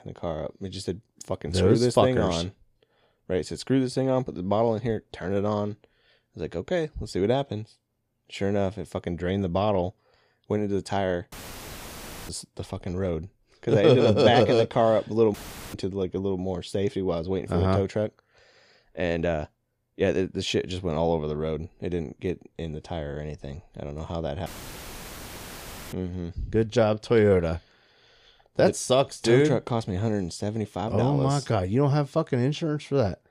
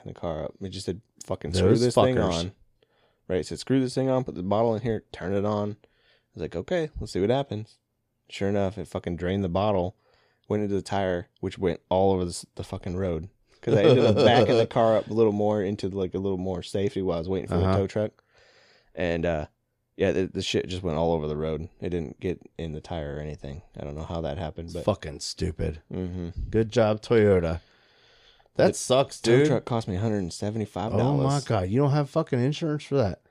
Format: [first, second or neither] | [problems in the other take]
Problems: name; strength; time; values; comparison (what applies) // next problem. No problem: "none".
second | audio cutting out; filled with static; at 11 s for 1 s, at 15 s and at 24 s for 1.5 s